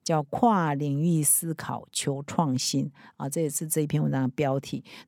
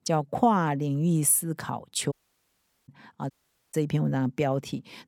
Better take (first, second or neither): first